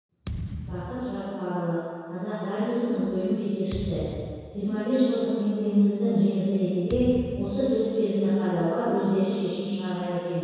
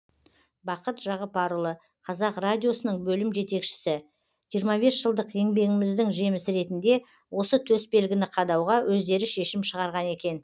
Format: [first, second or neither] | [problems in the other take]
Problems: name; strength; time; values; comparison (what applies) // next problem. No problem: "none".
second | background sound (Thump, thud); 11 dB below the speech // room echo; dies away in 2 s